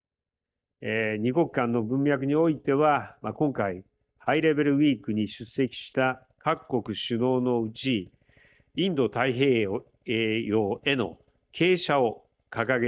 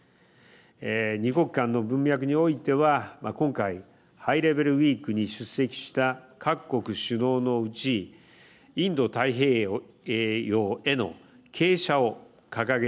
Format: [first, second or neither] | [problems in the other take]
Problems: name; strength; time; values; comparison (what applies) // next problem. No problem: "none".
second | noise reduction (neural mask model DeepFilterNet 3)